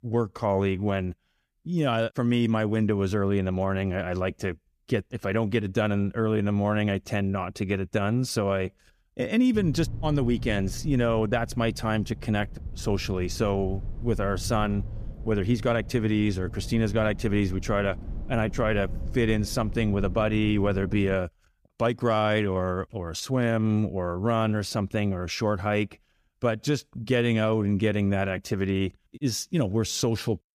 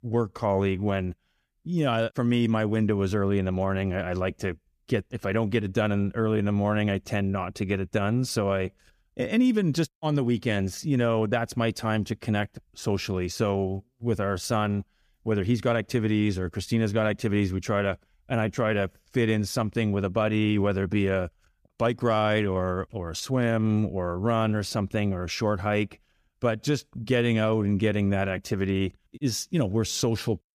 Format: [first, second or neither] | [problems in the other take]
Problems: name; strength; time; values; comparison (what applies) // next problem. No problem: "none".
second | low rumble; faint; from 9.5 to 21 s; 20 dB below the speech